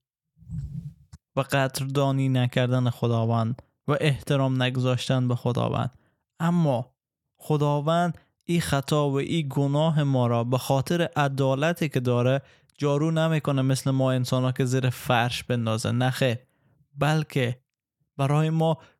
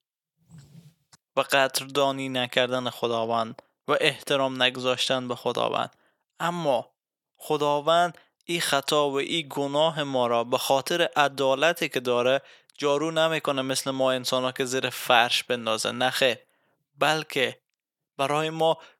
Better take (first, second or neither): first